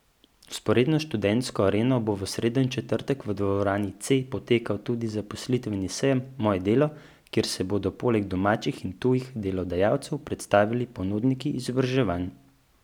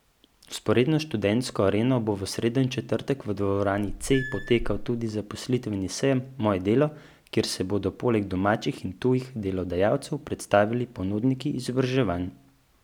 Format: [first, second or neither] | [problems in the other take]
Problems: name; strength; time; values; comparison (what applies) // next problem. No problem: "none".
first | background sound (Squeak / Screech); 8 dB below the speech